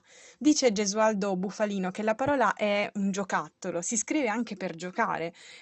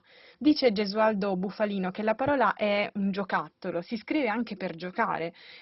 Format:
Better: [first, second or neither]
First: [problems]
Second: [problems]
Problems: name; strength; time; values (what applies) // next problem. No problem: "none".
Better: first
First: garbled, watery; slightly; nothing above 8 kHz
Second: garbled, watery; badly; nothing above 5.5 kHz